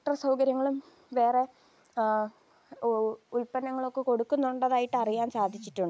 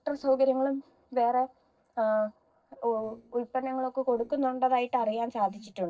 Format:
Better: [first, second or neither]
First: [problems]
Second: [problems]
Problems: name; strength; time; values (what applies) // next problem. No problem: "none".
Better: first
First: none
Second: noise reduction (neural separator model SepFormer DNS4)